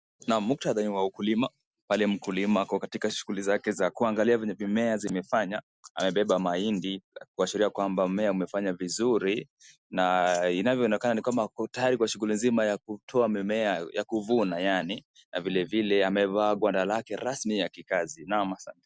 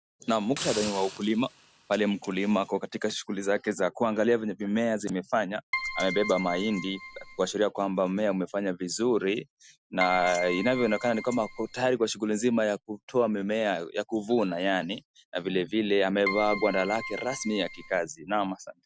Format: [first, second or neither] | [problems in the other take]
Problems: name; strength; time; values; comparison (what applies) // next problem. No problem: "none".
first | background sound (Keyboard (musical) + Hiss); 9 dB below the speech